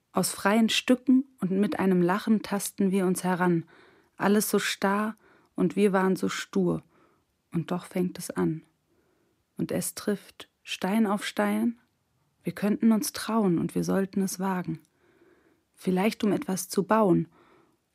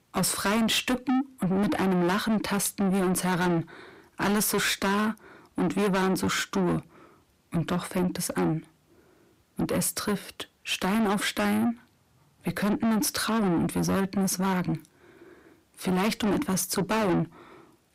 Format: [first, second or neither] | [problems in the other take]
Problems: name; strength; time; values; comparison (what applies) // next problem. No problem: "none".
first | distortion; heavy; 6 dB below the speech